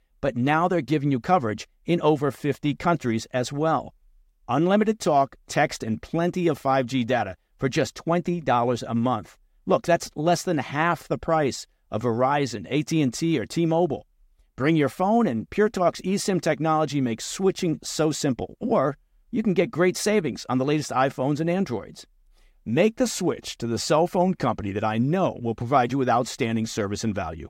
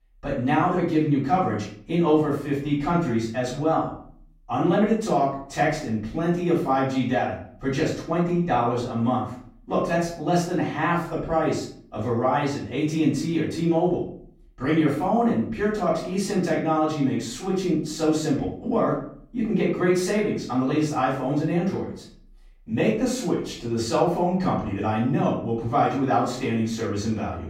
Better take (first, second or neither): first